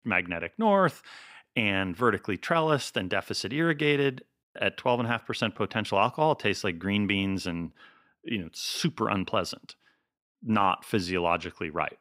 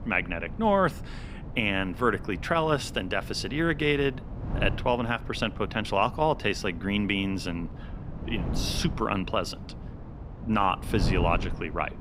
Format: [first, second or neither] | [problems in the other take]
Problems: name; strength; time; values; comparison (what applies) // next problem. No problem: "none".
first | wind noise on the microphone; occasional gusts; 15 dB below the speech